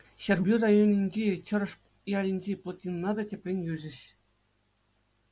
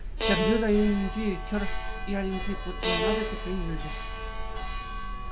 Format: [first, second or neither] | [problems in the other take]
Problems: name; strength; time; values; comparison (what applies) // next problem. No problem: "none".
first | background sound (Bowed string instrument + Church bell); as loud as the speech